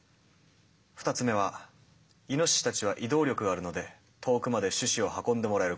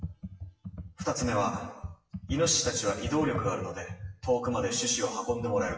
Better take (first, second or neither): first